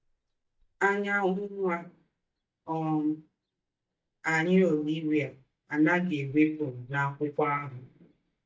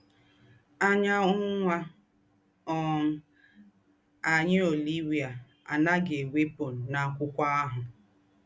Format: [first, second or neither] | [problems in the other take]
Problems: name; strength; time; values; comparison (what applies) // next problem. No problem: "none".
second | noise reduction (neural mask model DeepFilterNet 3)